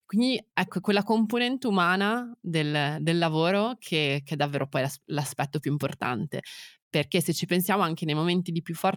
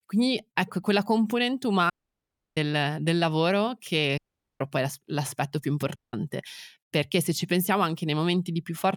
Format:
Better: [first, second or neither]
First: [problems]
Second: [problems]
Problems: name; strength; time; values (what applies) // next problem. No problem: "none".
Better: first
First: none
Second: audio cutting out; at 2 s for 0.5 s, at 4 s and at 6 s